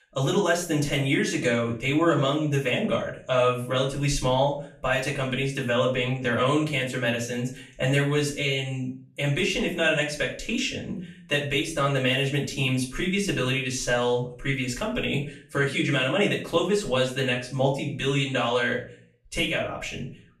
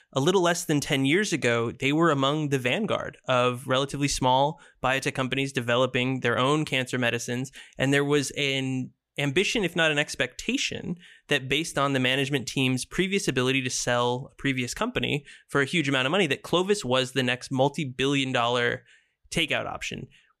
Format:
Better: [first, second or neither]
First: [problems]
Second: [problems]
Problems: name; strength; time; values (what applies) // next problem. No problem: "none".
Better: second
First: off-mic speech; far // room echo; slight; dies away in 0.4 s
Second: none